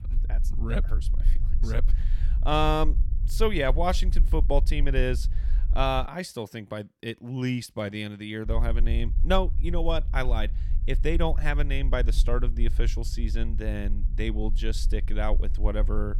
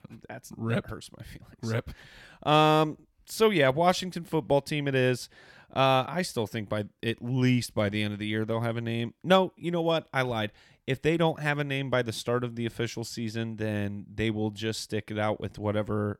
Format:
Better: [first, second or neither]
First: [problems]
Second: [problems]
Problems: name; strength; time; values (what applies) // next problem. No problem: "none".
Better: second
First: low rumble; noticeable; until 6 s and from 8.5 s on; 20 dB below the speech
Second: none